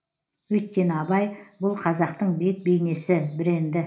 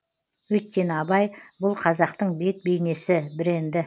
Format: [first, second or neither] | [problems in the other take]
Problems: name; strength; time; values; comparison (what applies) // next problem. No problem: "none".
second | room echo; dies away in 0.4 s